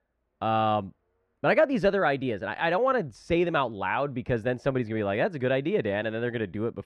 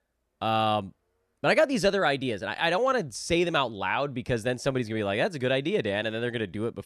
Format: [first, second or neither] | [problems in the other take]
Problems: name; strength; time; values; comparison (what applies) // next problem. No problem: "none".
second | muffled; slightly; fading above 4 kHz